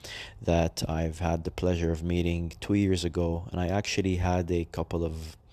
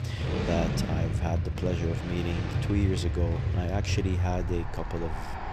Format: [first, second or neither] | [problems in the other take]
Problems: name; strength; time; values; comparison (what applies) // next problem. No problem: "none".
first | traffic noise; very loud; throughout; 1 dB above the speech